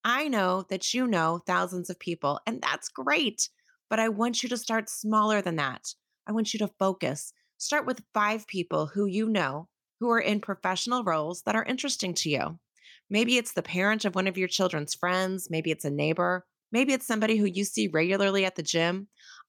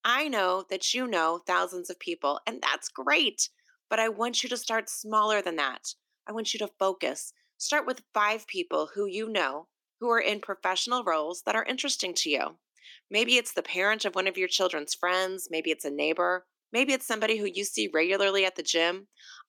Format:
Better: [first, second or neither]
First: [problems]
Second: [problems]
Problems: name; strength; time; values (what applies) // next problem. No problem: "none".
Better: first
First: none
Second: thin; somewhat; fading below 300 Hz